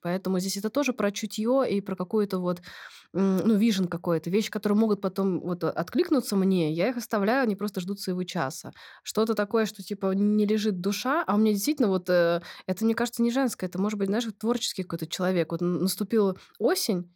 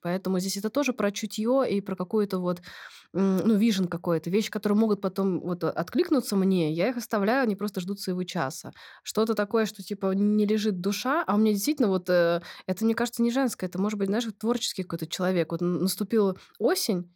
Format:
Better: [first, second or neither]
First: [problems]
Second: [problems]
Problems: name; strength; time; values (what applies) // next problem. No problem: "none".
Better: neither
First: none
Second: none